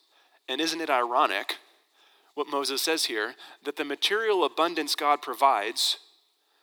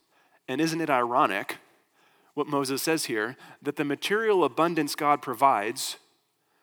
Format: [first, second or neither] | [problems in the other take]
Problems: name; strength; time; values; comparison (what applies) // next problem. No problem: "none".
second | thin; somewhat; fading below 350 Hz